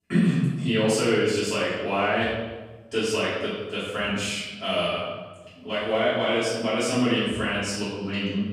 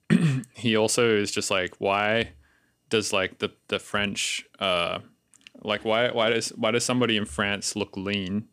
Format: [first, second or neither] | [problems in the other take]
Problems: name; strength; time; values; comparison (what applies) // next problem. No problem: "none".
second | off-mic speech; far // room echo; strong; dies away in 1.2 s